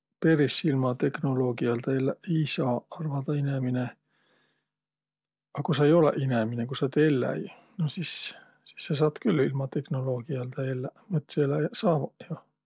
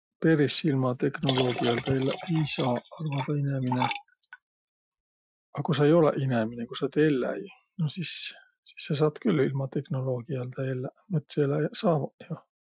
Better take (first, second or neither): first